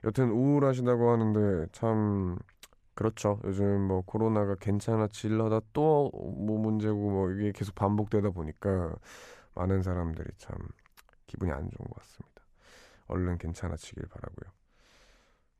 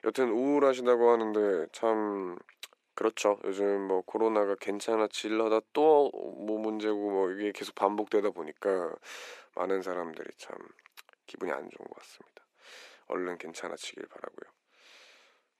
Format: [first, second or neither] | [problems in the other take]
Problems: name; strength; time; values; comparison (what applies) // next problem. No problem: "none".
first | thin; somewhat; fading below 300 Hz